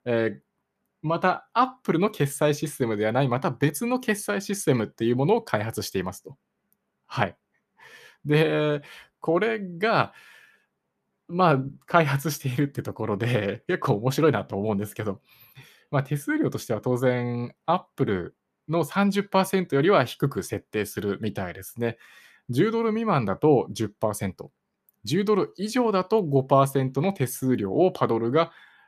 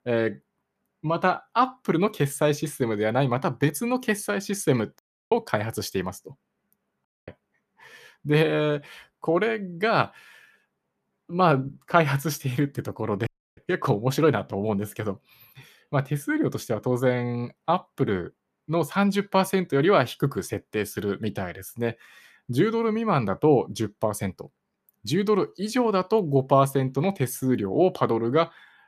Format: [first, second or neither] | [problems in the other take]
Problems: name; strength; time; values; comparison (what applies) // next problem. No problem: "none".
first | audio cutting out; at 5 s, at 7 s and at 13 s